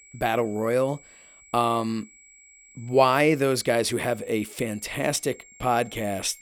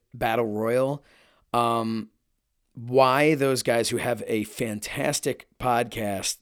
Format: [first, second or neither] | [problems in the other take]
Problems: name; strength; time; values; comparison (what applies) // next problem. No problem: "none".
second | high-pitched whine; faint; throughout; 7.5 kHz, 25 dB below the speech